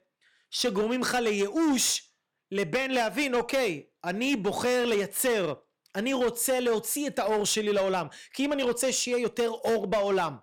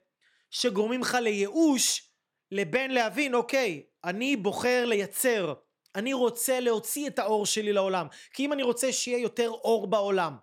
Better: second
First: distortion; slight; 10% of the sound clipped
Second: none

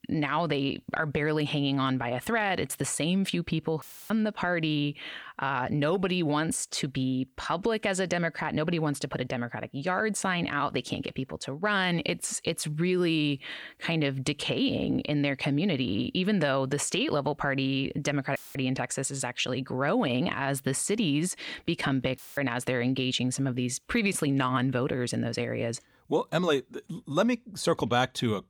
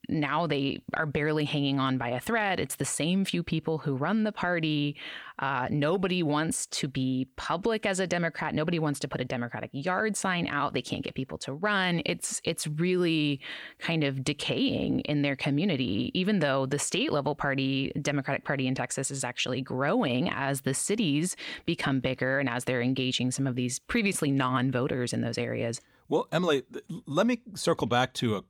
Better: second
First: audio cutting out; filled with static; at 4 s, at 18 s and at 22 s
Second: none

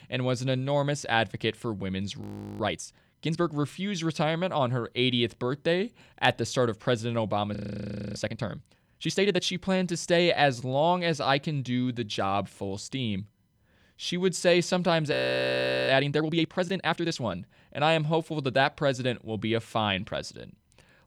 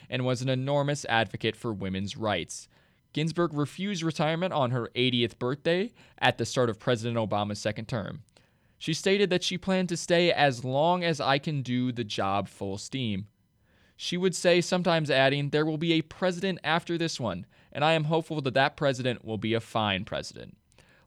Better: second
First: audio freezing; at 2 s, at 7.5 s for 0.5 s and at 15 s for 1 s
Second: none

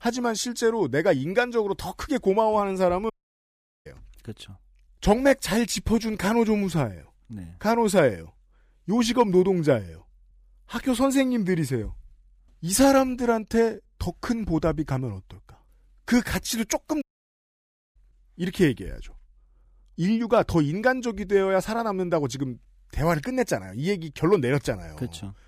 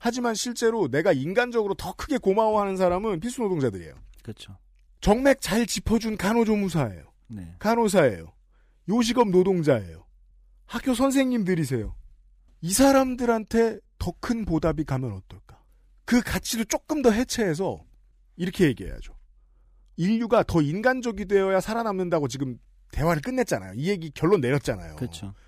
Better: second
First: audio cutting out; at 3 s for 1 s and at 17 s for 1 s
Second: none

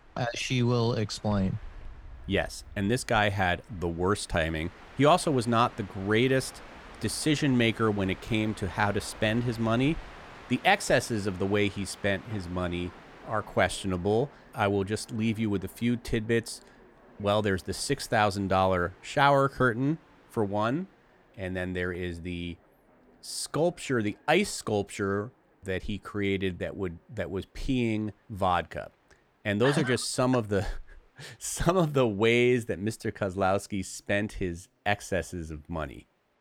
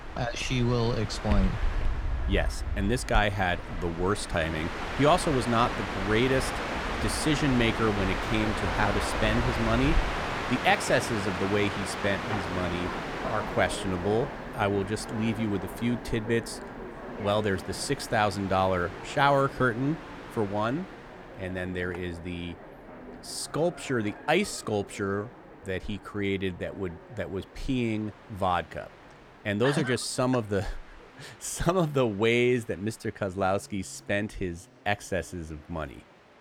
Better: first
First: train or aircraft noise; faint; throughout; 20 dB below the speech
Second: train or aircraft noise; loud; throughout; 5 dB below the speech

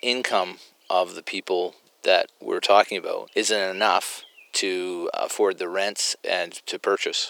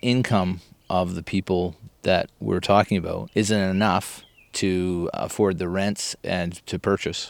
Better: second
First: thin; very; fading below 350 Hz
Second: none

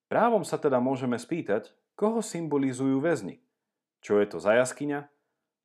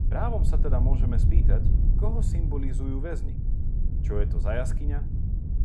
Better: first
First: none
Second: low rumble; loud; throughout; 6 dB below the speech

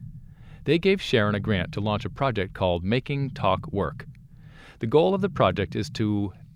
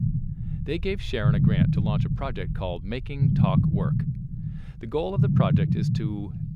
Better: first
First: low rumble; faint; throughout; 25 dB below the speech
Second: low rumble; loud; throughout; 2 dB below the speech

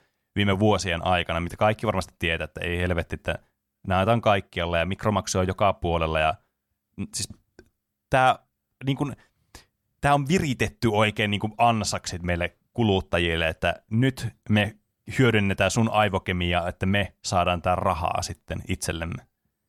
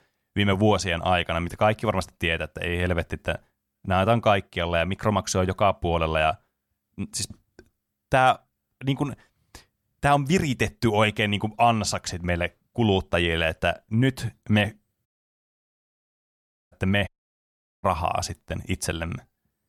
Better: first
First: none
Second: audio cutting out; at 15 s for 1.5 s and at 17 s for 1 s

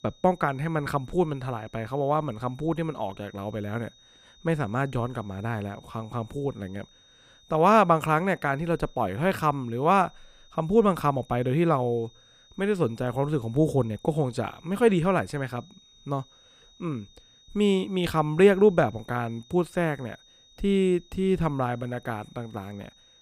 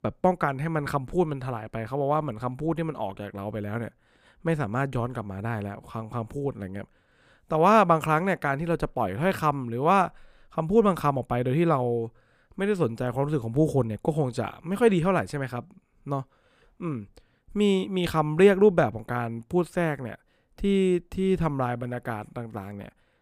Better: second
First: high-pitched whine; faint; throughout; 3.5 kHz, 30 dB below the speech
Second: none

